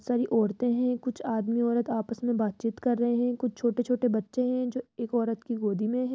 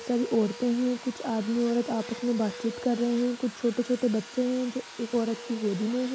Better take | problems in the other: first | background sound (Domestic sounds, home sounds); 14 dB below the speech

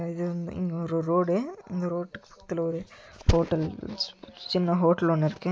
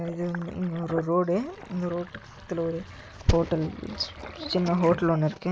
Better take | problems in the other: first | background sound (Sink (filling or washing)); 15 dB below the speech

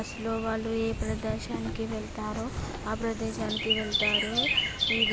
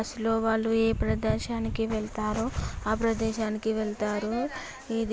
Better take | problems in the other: second | background sound (Chirp, tweet); as loud as the speech

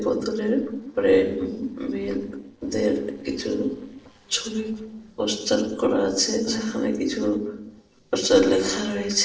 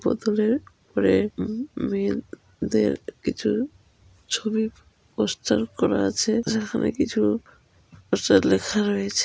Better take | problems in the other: second | noise reduction (neural separator model SepFormer DNS4)

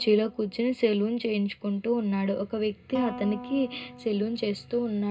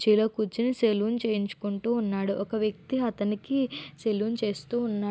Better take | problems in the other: second | background sound (Guitar); 17 dB below the speech // room echo; dies away in 0.2 s

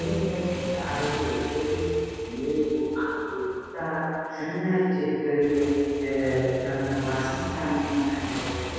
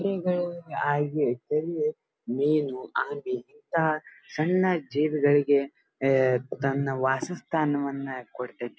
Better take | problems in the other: second | background sound (Motorcycle / Engine); 10 dB below the speech // room echo; dies away in 2.1 s

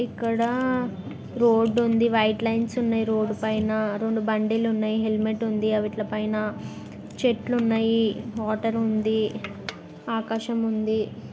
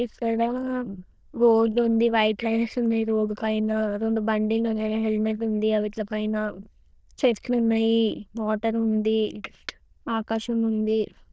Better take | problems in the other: first | noise reduction (neural diffusion model UNIVERSE++)

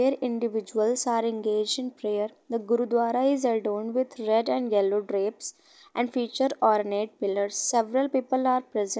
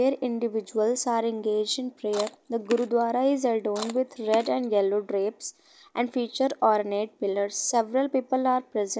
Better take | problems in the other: first | background sound (Chewing, mastication); 15 dB below the speech

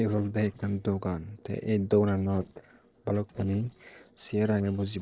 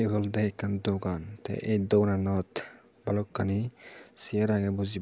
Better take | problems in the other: second | noise reduction (neural separator model SepFormer DNS4)

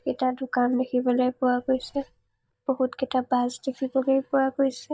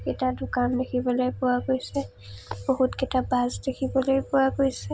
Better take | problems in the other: second | noise reduction (neural mask model DeepFilterNet 3)

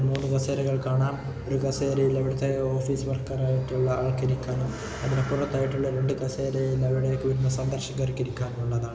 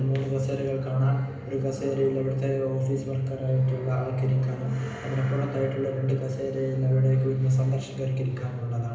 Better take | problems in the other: first | room echo; dies away in 0.8 s

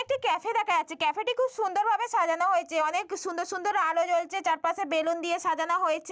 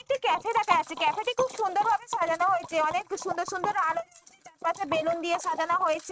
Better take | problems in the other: first | noise reduction (neural mask model RNNoise)

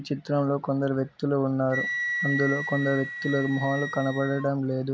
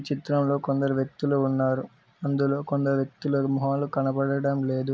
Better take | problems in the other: second | background sound (Wind instrument, woodwind instrument); 7 dB below the speech

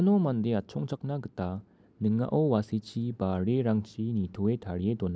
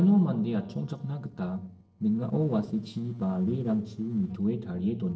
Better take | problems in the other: first | noise reduction (neural separator model SepFormer DNS4)

